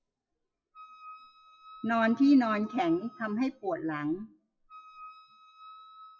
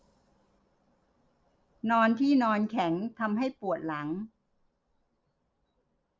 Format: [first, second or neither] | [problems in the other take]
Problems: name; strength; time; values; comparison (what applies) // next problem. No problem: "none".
second | noise reduction (classical method WPE with log-MMSE)